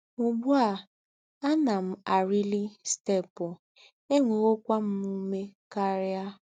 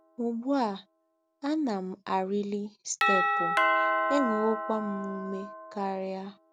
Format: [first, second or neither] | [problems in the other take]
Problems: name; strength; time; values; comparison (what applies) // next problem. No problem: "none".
first | background sound (Doorbell); as loud as the speech